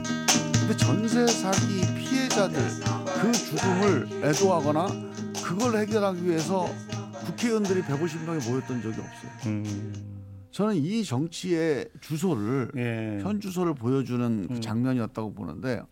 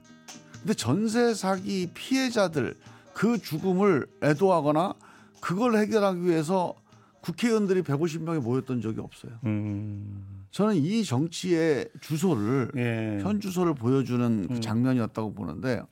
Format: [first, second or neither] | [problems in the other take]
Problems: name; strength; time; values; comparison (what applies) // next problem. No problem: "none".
second | background music; loud; throughout; 1 dB below the speech; faint in the second